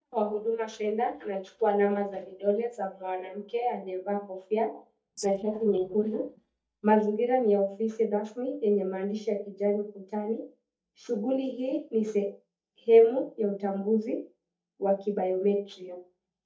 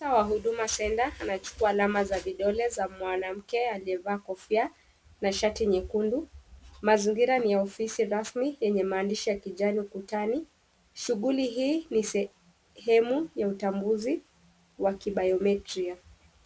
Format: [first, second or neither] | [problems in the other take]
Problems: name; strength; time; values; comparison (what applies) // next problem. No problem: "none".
second | noise reduction (neural mask model DeepFilterNet 3)